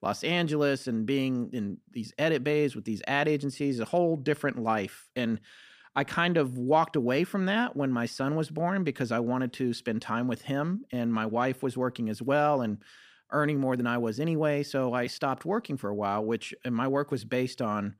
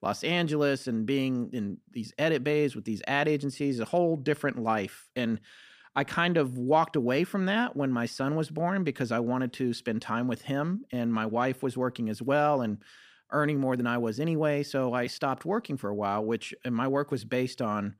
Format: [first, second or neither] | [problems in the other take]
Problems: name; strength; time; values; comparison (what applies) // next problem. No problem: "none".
neither | none